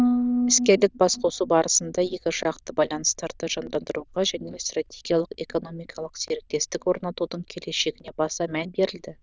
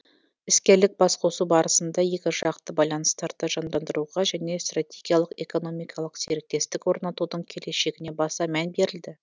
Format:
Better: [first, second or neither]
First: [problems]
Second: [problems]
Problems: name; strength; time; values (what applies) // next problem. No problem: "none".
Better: second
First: noise reduction (neural diffusion model UNIVERSE++)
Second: none